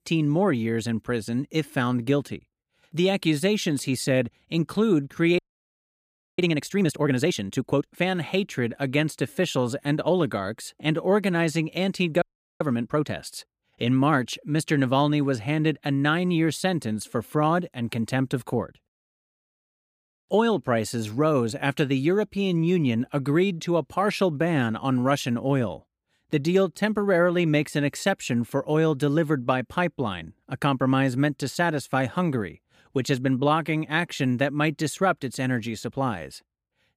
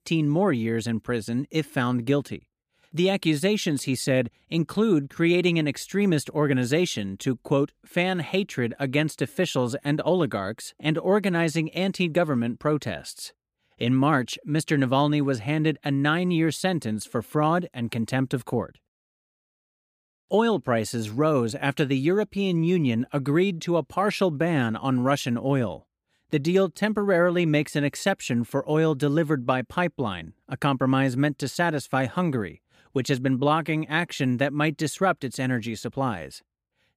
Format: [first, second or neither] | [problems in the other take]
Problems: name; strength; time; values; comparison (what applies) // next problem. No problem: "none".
second | audio freezing; at 5.5 s for 1 s and at 12 s